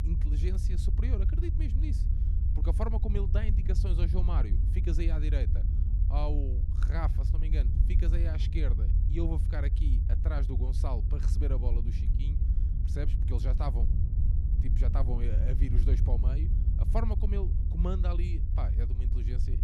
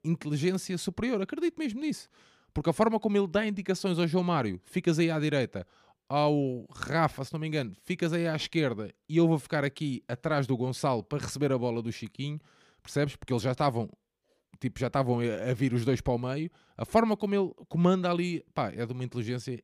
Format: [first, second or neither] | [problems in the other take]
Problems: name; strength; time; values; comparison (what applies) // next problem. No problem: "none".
second | low rumble; loud; throughout; 5 dB below the speech